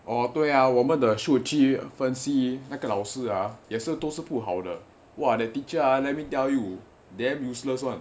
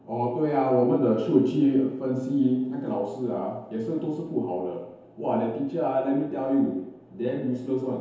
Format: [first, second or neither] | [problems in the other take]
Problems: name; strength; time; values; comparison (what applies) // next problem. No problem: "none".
first | room echo; dies away in 1 s